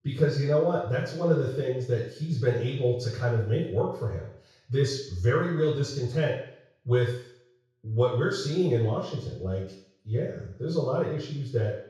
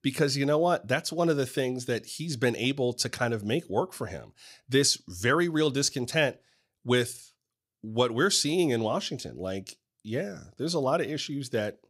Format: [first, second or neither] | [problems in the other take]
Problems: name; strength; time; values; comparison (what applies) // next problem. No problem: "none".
second | room echo; noticeable; dies away in 0.6 s // off-mic speech; far